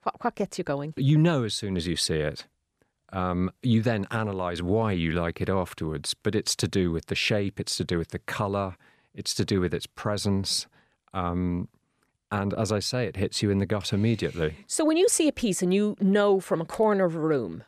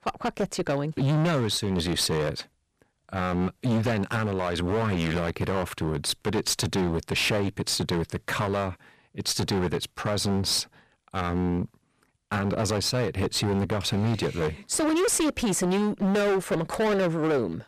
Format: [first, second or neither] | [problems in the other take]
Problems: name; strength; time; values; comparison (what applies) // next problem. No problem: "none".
first | distortion; heavy; 21% of the sound clipped